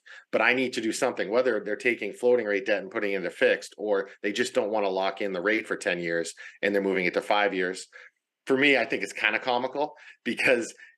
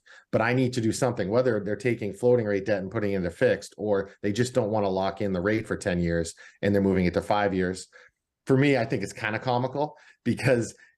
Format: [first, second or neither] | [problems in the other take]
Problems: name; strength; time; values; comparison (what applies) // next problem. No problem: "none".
second | thin; somewhat; fading below 250 Hz